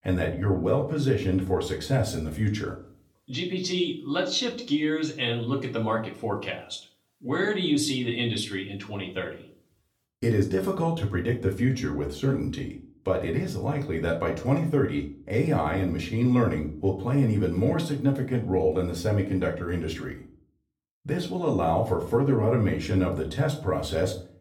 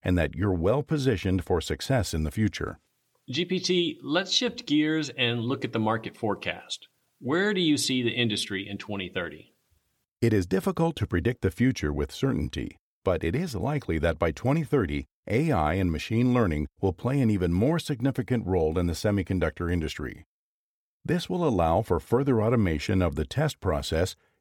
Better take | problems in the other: second | room echo; slight; dies away in 0.4 s // off-mic speech; somewhat distant

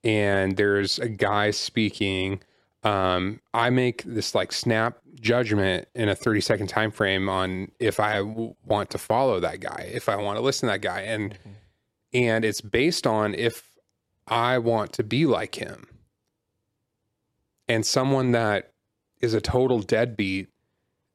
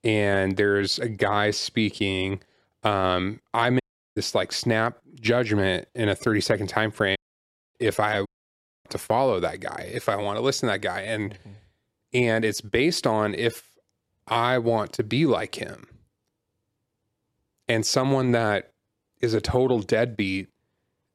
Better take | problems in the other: first | audio cutting out; at 4 s, at 7 s for 0.5 s and at 8.5 s for 0.5 s

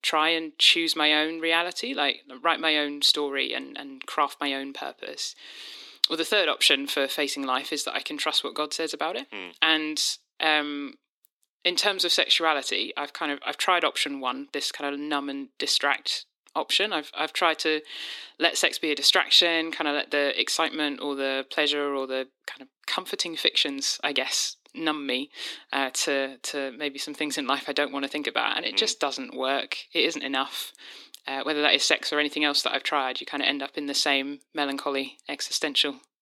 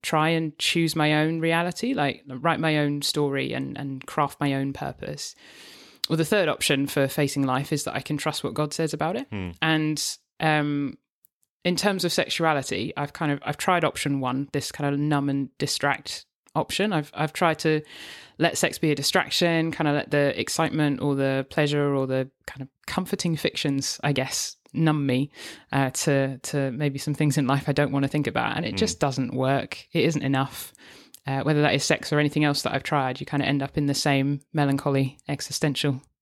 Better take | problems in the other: second | thin; somewhat; fading below 300 Hz

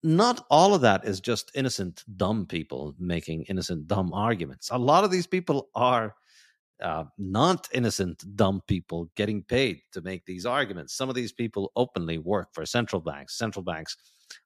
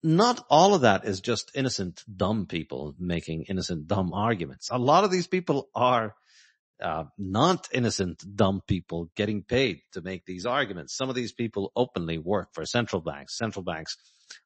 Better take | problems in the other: first | garbled, watery; slightly; nothing above 7.5 kHz

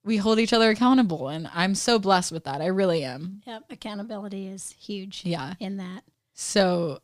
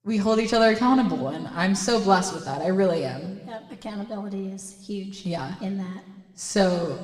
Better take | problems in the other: first | room echo; slight; dies away in 1.3 s

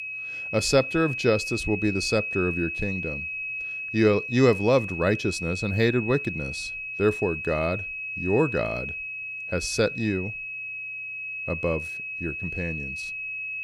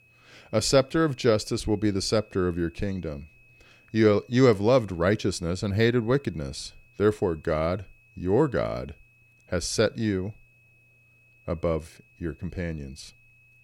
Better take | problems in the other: second | high-pitched whine; loud; throughout; 2.5 kHz, 5 dB below the speech; faint in the second

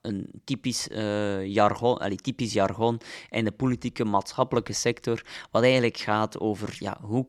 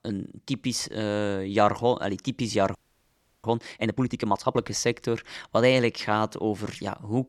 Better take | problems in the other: first | audio freezing; at 3 s for 0.5 s

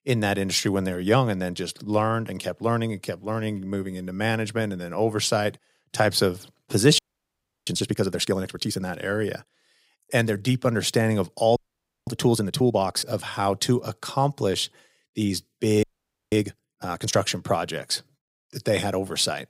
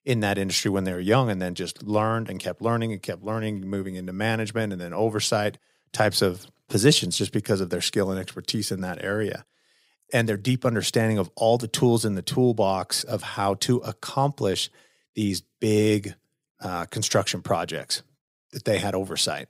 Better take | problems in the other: second | audio freezing; at 7 s for 0.5 s, at 12 s for 0.5 s and at 16 s

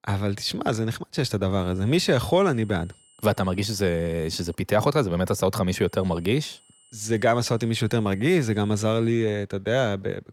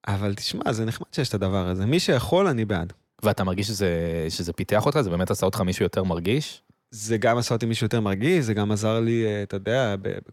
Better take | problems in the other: second | high-pitched whine; faint; from 1.5 to 4.5 s and from 6 to 9 s; 8.5 kHz, 30 dB below the speech

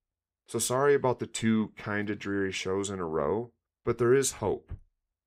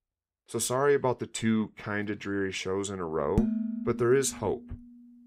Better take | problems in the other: first | clattering dishes; loud; at 3.5 s; peak 1 dB above the speech

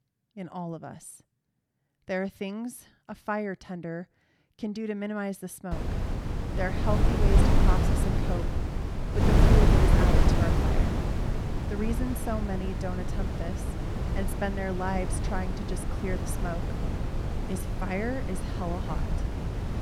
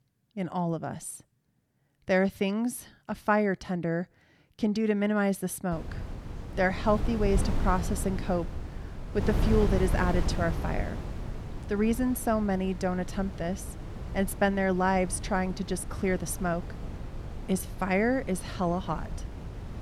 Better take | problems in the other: second | wind noise on the microphone; heavy; from 5.5 s on; 1 dB above the speech; occasional gusts in the second

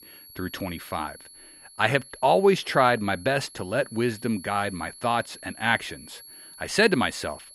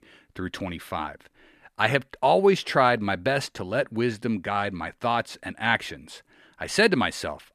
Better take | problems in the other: second | high-pitched whine; noticeable; throughout; 11 kHz, 20 dB below the speech

